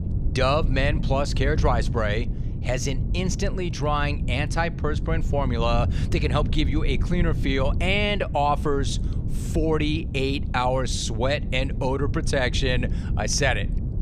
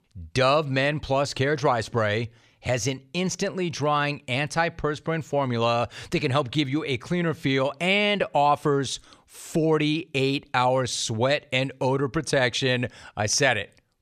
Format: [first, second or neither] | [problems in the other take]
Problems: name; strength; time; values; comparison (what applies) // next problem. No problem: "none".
second | wind noise on the microphone; occasional gusts; 15 dB below the speech